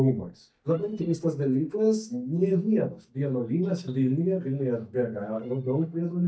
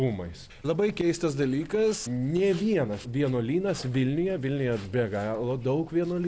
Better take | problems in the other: second | noise reduction (neural mask model DeepFilterNet 3)

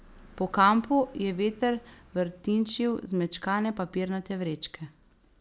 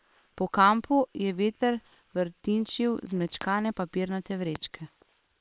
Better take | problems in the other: first | noise reduction (neural separator model SepFormer WHAM!)

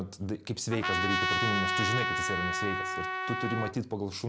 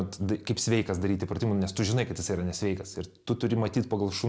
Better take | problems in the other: second | background sound (Trumpet); 2 dB above the speech

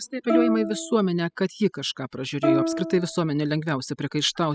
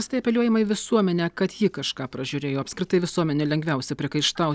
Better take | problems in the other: second | noise reduction (classical method spectral subtraction)

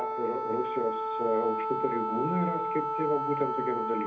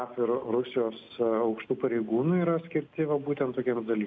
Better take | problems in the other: second | background sound (Wind instrument, woodwind instrument); as loud as the speech // room echo; dies away in 0.3 s

